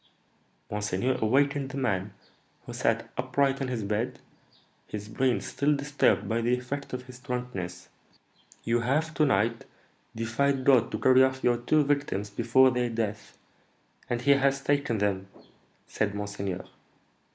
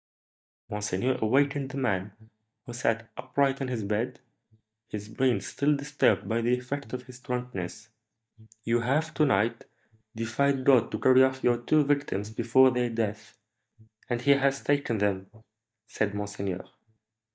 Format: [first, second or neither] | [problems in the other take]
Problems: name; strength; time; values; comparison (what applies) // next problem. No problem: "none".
first | noise reduction (neural mask model DeepFilterNet 3)